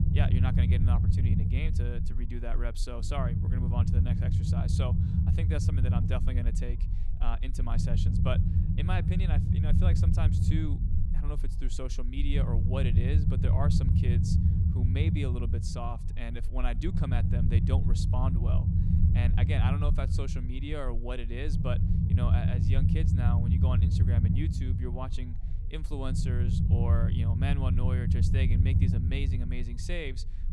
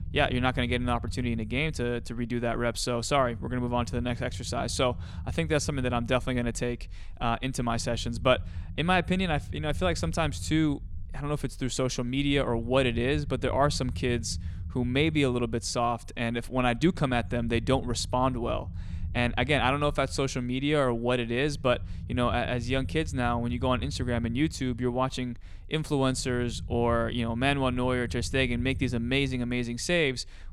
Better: second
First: low rumble; loud; throughout; as loud as the speech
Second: low rumble; faint; throughout; 25 dB below the speech

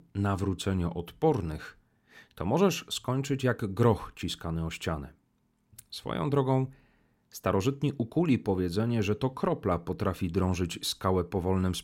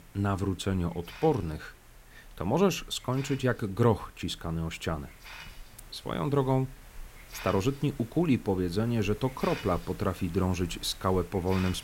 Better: first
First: none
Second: hiss; noticeable; throughout; 20 dB below the speech

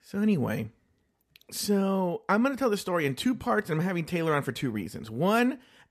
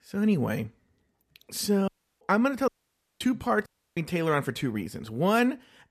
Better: first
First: none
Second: audio cutting out; at 2 s, at 2.5 s for 0.5 s and at 3.5 s

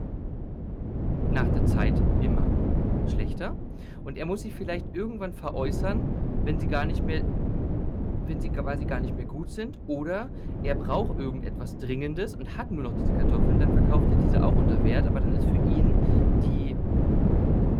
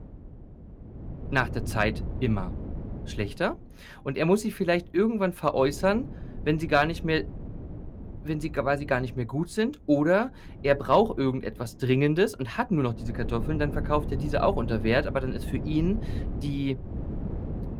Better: second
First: wind noise on the microphone; heavy; 1 dB above the speech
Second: wind noise on the microphone; occasional gusts; 20 dB below the speech

